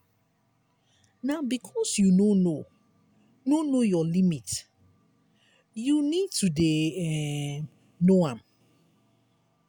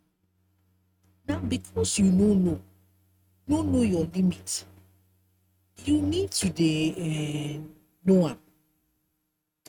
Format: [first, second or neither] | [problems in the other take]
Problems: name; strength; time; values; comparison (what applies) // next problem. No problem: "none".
first | noise reduction (neural mask model RNNoise)